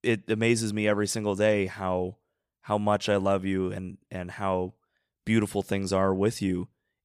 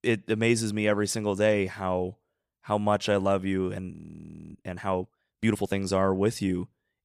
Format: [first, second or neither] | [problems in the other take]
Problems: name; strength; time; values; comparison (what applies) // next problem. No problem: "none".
first | audio freezing; at 4 s for 0.5 s